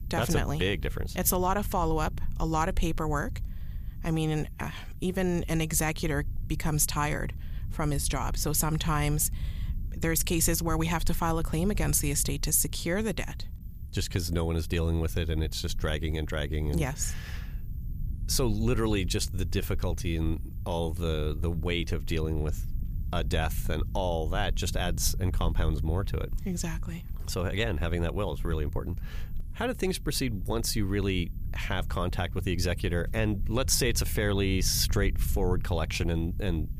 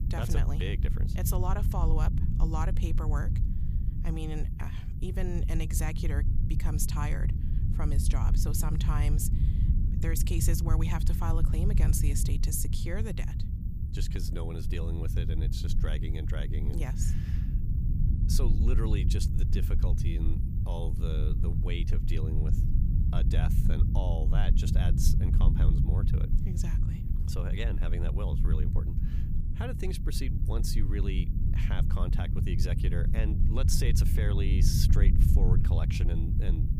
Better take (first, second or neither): first